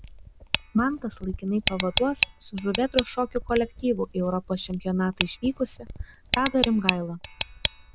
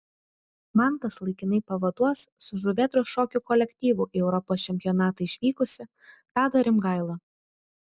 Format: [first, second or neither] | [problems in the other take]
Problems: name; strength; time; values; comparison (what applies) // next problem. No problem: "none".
second | background sound (Tick); 5 dB below the speech